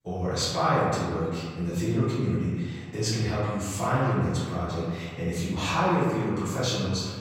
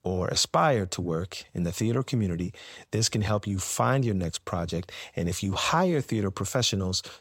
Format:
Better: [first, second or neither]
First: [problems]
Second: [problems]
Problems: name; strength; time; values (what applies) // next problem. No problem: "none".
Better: second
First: room echo; strong; dies away in 1.6 s // off-mic speech; far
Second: none